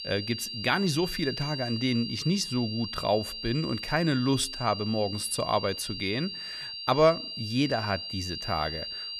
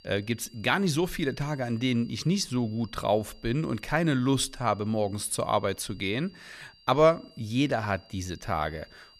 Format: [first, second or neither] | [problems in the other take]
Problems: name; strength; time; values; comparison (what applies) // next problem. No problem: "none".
second | high-pitched whine; loud; throughout; 4.5 kHz, 6 dB below the speech; faint in the second